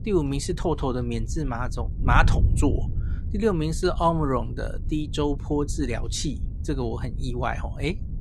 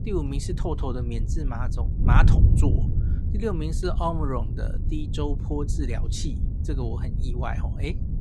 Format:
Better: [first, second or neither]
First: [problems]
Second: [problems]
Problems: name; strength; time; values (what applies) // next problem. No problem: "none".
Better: first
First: wind noise on the microphone; occasional gusts; 15 dB below the speech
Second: wind noise on the microphone; heavy; 8 dB below the speech